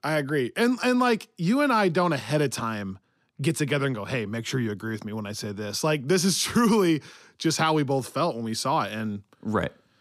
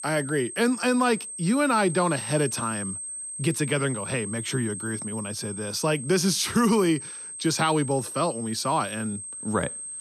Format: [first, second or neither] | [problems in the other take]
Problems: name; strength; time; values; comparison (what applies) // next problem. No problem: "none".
first | high-pitched whine; loud; throughout; 8.5 kHz, 8 dB below the speech